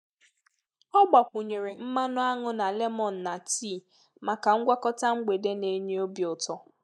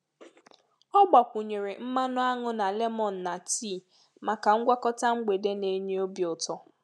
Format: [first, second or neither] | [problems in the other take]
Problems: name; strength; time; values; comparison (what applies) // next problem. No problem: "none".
second | noise reduction (neural mask model Resemble Enhance denoiser)